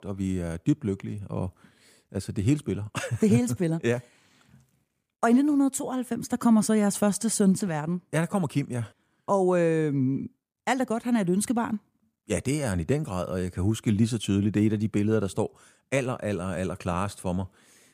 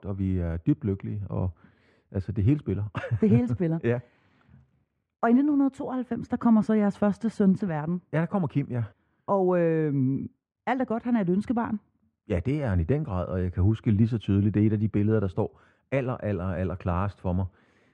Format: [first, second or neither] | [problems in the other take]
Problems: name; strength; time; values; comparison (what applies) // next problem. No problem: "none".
first | muffled; very; fading above 2 kHz